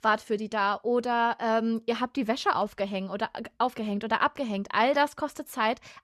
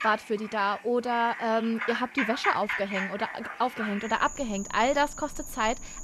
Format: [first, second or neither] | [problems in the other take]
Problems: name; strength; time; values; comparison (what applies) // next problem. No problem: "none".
first | animal sounds; loud; throughout; 7 dB below the speech